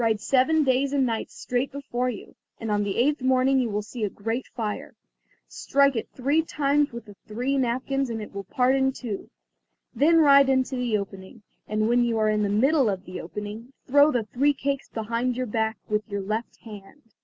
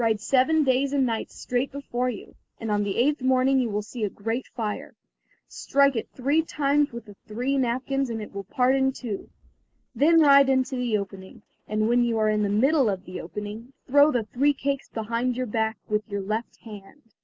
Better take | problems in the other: first | noise reduction (neural mask model Resemble Enhance denoiser)

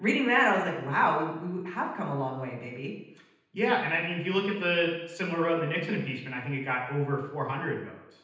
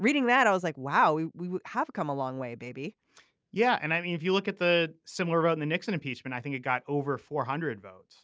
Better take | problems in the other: second | room echo; dies away in 0.9 s

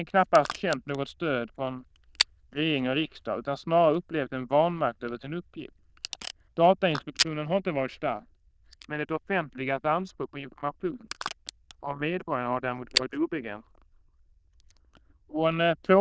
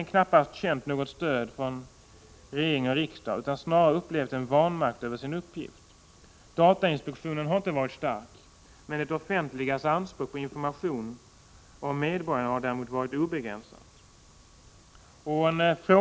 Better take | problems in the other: second | noise reduction (neural diffusion model UNIVERSE++)

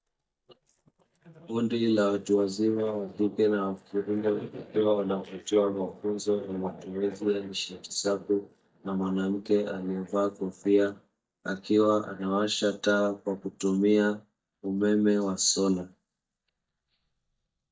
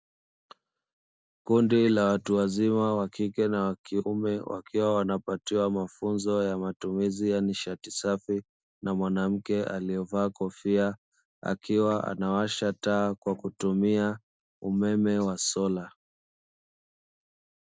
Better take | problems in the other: second | noise reduction (neural mask model DeepFilterNet 3)

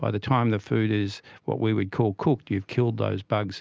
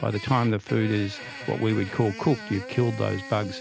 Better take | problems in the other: first | background sound (Fart); 13 dB below the speech

